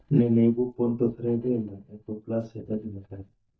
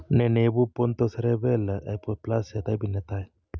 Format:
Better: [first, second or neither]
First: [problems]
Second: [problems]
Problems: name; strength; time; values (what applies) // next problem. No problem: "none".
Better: second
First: noise reduction (neural mask model DeepFilterNet 3)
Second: none